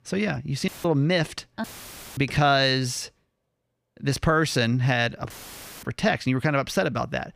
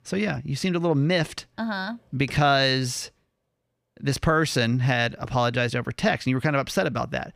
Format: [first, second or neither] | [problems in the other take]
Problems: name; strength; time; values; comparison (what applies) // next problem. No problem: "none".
second | audio cutting out; filled with static; at 0.5 s, at 1.5 s for 0.5 s and at 5.5 s for 0.5 s